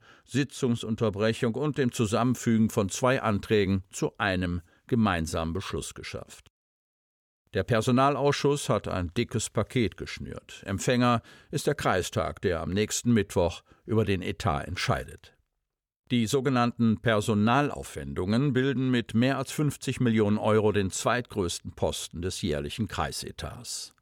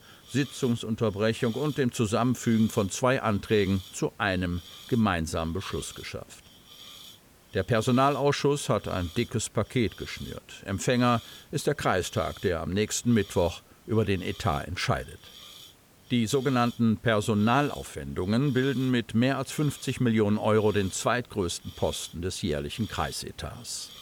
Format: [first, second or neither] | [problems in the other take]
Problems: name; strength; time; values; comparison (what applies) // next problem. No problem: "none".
first | hiss; noticeable; throughout; 20 dB below the speech